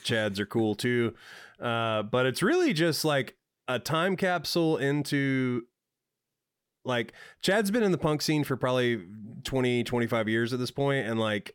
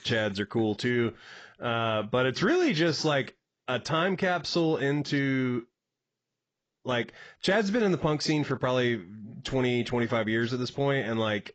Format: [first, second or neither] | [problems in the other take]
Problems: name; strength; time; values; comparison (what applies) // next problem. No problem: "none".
first | garbled, watery; badly; nothing above 7.5 kHz